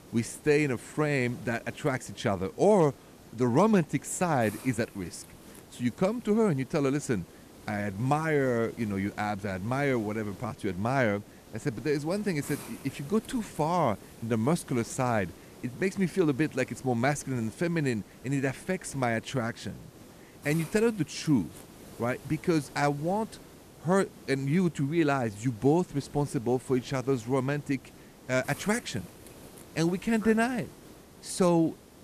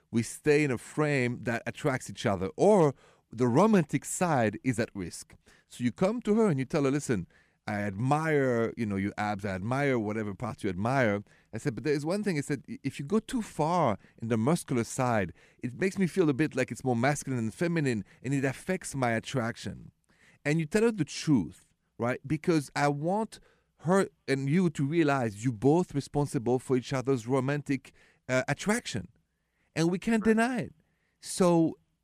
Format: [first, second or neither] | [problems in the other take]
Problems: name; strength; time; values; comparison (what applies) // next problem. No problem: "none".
second | hiss; faint; throughout; 20 dB below the speech